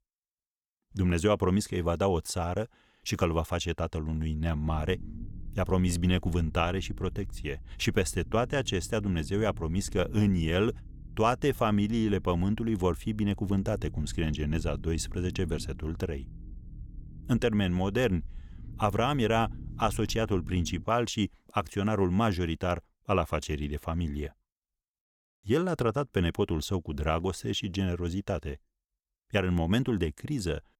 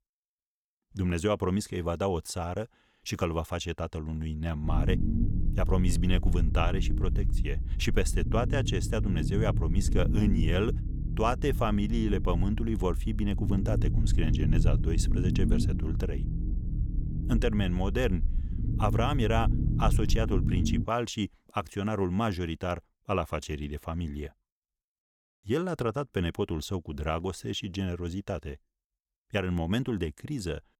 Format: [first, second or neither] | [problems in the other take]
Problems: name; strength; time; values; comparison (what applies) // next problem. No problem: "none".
first | low rumble; loud; from 4.5 to 21 s; 9 dB below the speech; faint in the first